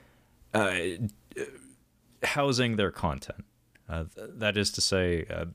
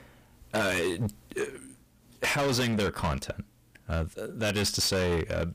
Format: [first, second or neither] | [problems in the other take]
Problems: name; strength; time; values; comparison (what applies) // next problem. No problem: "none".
first | distortion; heavy; 16% of the sound clipped